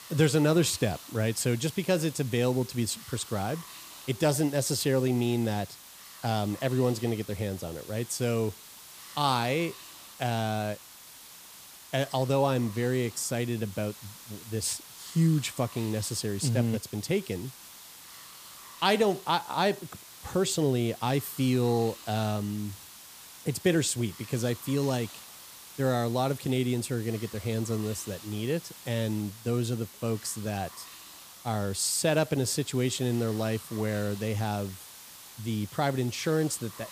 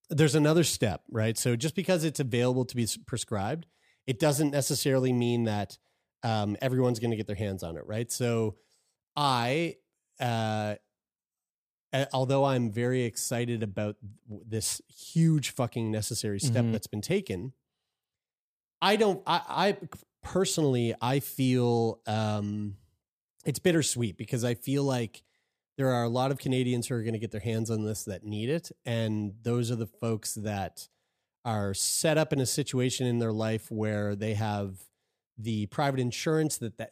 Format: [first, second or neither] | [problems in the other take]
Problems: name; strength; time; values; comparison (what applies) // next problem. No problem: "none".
second | hiss; noticeable; throughout; 15 dB below the speech